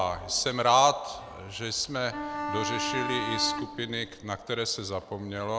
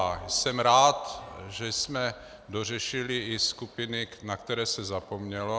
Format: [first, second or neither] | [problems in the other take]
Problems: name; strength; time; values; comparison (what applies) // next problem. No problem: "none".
second | background sound (Bowed string instrument); 4 dB below the speech